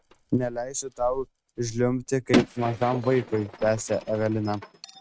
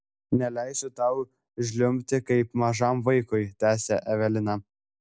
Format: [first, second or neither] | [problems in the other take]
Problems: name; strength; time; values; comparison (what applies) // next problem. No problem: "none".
second | noise reduction (neural mask model RNNoise)